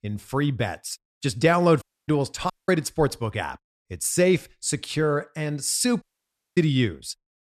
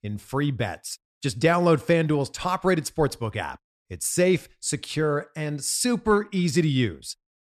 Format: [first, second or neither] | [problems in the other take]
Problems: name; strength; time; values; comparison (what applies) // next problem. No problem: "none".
second | audio cutting out; at 2 s, at 2.5 s and at 6 s for 0.5 s